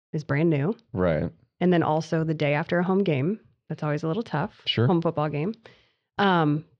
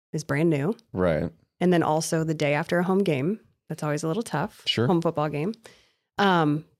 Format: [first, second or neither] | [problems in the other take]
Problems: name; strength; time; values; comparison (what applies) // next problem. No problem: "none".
second | muffled; very slightly; fading above 4.5 kHz